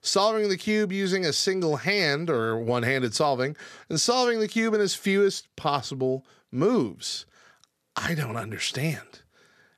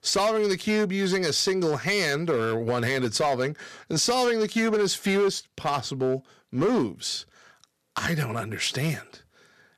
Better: first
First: none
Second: distortion; slight; 7% of the sound clipped

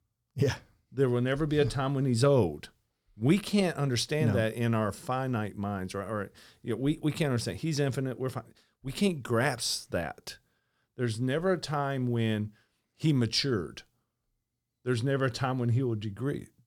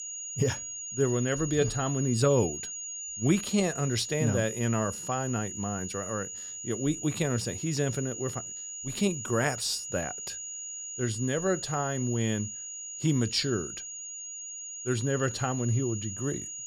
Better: first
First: none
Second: high-pitched whine; loud; throughout; 7 kHz, 6 dB below the speech

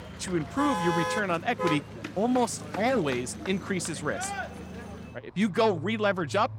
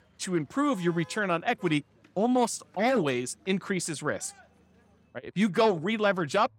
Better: second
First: traffic noise; loud; throughout; 7 dB below the speech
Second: traffic noise; faint; throughout; 30 dB below the speech

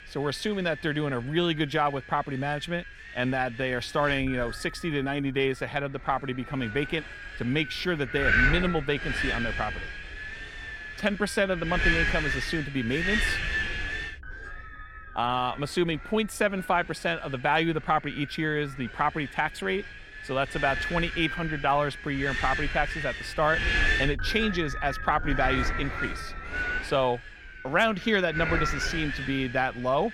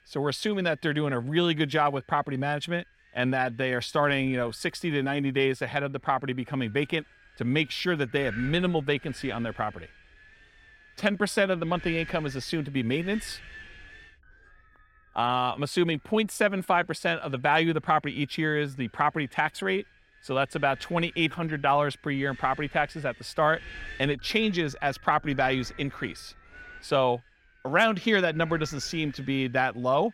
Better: second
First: wind noise on the microphone; heavy; 2 dB below the speech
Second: wind noise on the microphone; occasional gusts; 20 dB below the speech

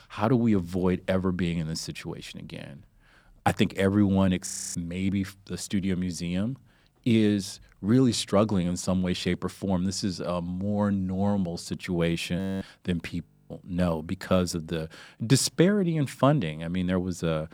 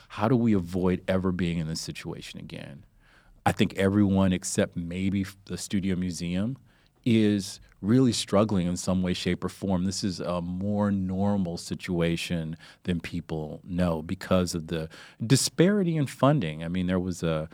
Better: second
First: audio freezing; at 4.5 s, at 12 s and at 13 s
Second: none

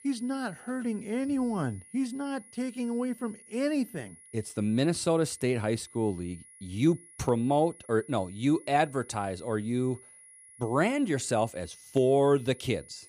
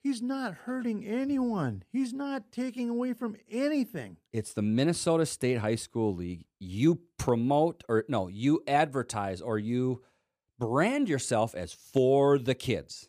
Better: second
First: high-pitched whine; faint; throughout; 10.5 kHz, 20 dB below the speech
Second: none

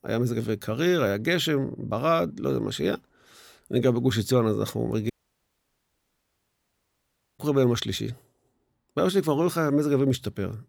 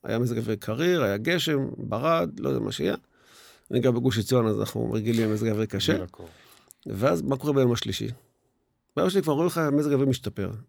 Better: second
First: audio cutting out; at 5 s for 2.5 s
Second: none

